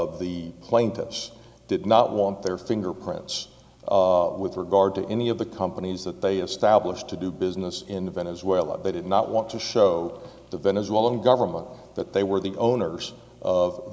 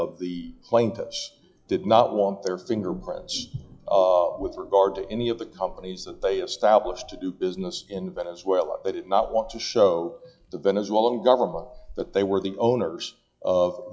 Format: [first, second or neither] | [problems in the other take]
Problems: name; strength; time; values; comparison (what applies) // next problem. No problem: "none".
first | noise reduction (classical method log-MMSE)